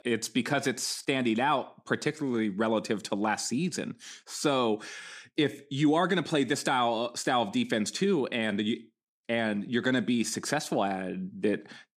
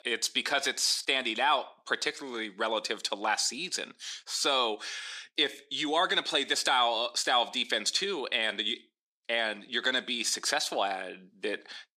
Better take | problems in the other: first | thin; somewhat; fading below 600 Hz

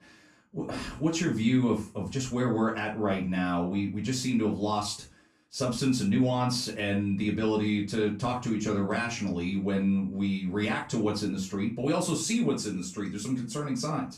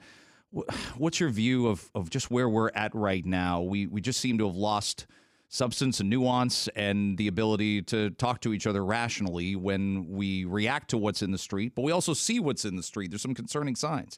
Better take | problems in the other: second | off-mic speech; far // room echo; slight; dies away in 0.3 s

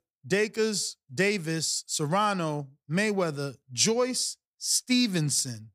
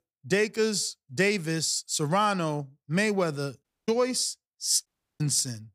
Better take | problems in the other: first | audio cutting out; at 3.5 s and at 5 s

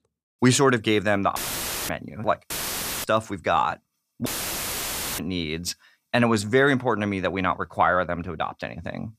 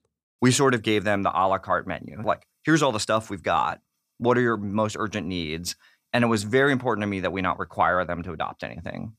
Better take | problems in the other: second | audio cutting out; filled with static; at 1.5 s for 0.5 s, at 2.5 s for 0.5 s and at 4.5 s for 1 s

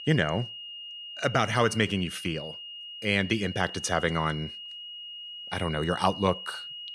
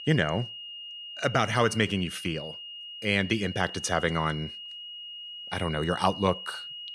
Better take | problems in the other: neither | high-pitched whine; noticeable; throughout; 3 kHz, 10 dB below the speech; the same in both

